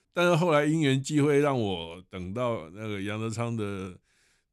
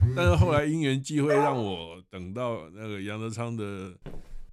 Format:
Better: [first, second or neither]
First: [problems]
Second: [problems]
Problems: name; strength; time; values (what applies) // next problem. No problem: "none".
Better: first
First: none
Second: phone ringing; loud; at the start; peak 4 dB above the speech // dog barking; loud; at 1.5 s; peak 1 dB above the speech // footsteps; faint; at 4 s; peak 20 dB below the speech